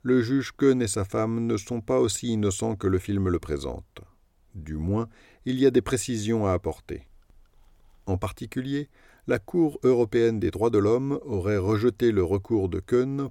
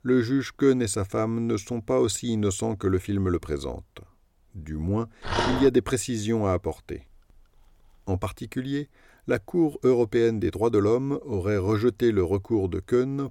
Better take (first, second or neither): first